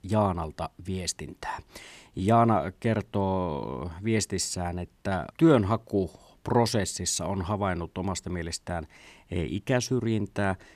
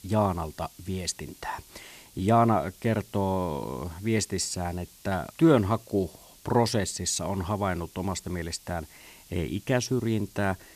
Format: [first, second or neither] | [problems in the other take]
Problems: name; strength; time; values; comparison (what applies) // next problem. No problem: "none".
first | hiss; faint; throughout; 25 dB below the speech